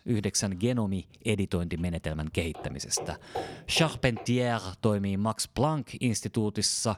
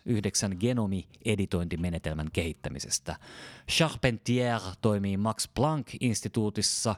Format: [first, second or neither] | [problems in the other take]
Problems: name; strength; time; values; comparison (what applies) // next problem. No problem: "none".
second | footsteps; noticeable; from 2.5 to 4.5 s; peak 9 dB below the speech